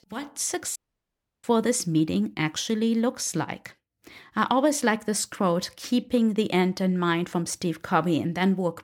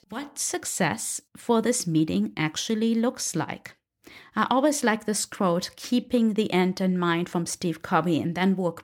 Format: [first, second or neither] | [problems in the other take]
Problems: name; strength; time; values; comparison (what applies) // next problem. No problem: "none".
second | audio cutting out; at 1 s for 0.5 s